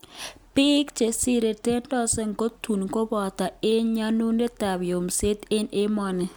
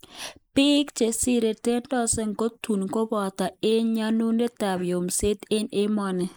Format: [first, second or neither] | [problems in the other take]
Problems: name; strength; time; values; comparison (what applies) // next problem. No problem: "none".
first | noise reduction (neural mask model Resemble Enhance denoiser)